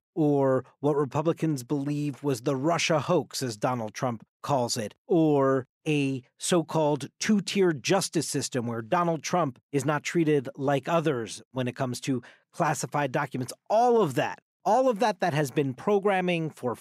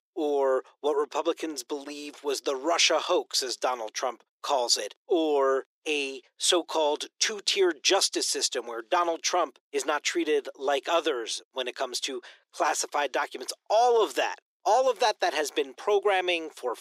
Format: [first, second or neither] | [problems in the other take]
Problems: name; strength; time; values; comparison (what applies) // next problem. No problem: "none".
first | thin; very; fading below 350 Hz